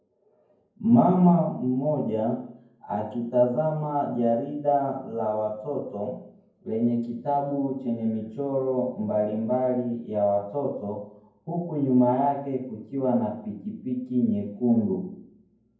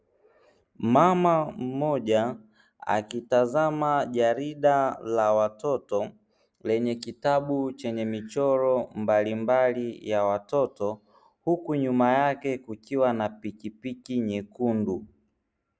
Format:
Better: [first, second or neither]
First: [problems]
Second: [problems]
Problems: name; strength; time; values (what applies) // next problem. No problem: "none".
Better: second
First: room echo; dies away in 0.9 s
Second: none